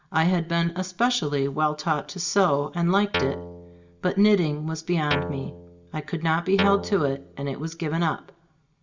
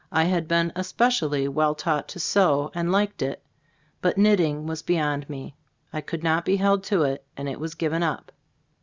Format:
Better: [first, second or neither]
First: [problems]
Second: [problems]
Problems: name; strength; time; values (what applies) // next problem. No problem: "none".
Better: second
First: background sound (Guitar); 7 dB below the speech // room echo; dies away in 0.5 s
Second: none